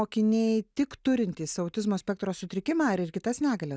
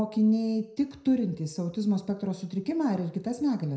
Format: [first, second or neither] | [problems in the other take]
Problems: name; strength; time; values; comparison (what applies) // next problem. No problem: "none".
first | room echo; dies away in 0.4 s